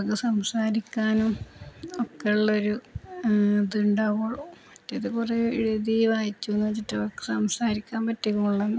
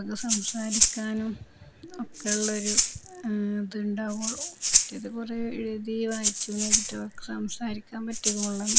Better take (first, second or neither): first